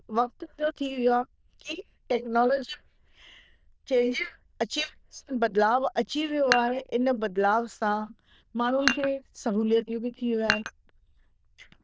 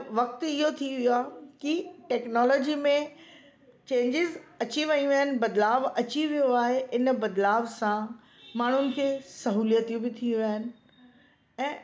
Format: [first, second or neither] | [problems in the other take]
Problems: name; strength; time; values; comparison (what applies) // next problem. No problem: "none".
second | noise reduction (neural diffusion model UNIVERSE++)